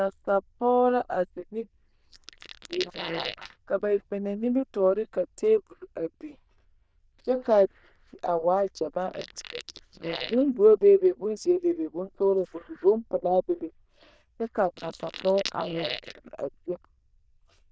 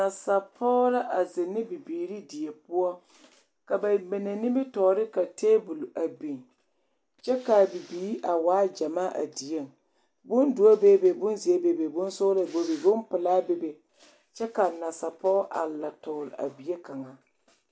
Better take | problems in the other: second | noise reduction (neural diffusion model UNIVERSE++)

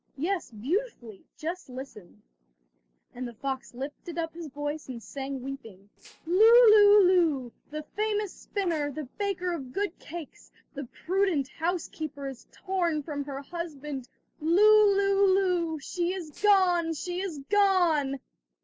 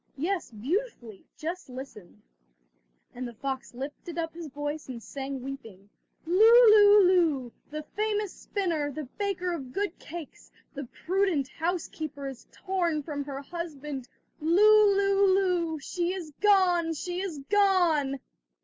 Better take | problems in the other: second | noise reduction (neural separator model SepFormer DNS4)

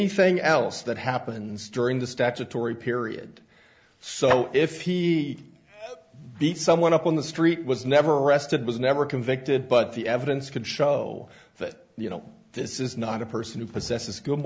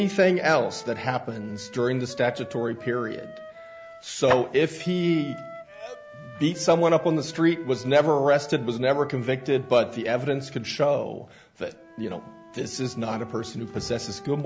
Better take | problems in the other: first | background sound (Wind instrument, woodwind instrument); 19 dB below the speech

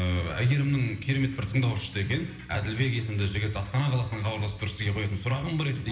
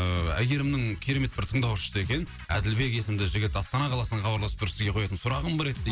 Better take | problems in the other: second | room echo; dies away in 1.1 s

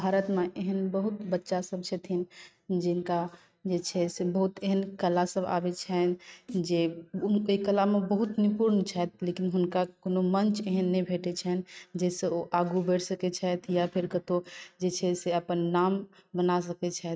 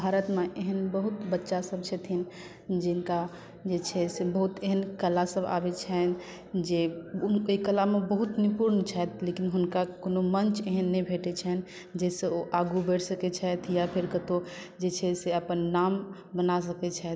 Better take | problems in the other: second | noise reduction (neural mask model RNNoise)

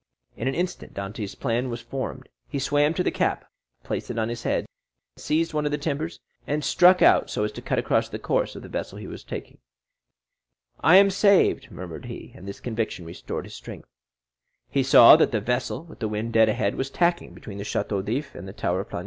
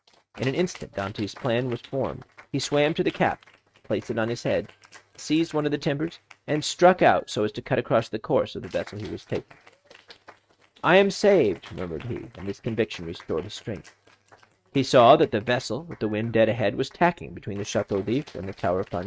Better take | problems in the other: first | noise reduction (neural mask model RNNoise)

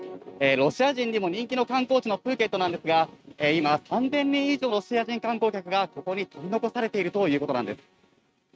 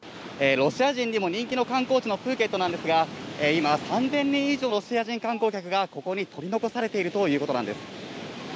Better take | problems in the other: second | noise reduction (neural mask model RNNoise)

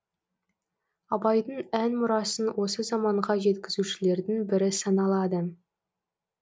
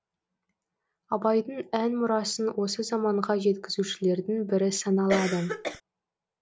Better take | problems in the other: first | background sound (Cough); 4 dB below the speech

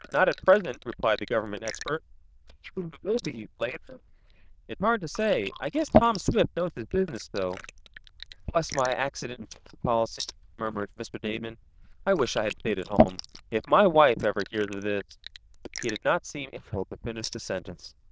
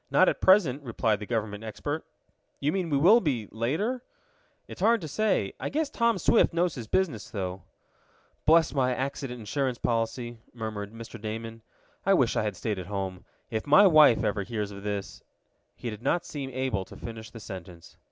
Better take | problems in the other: second | noise reduction (neural diffusion model UNIVERSE++)

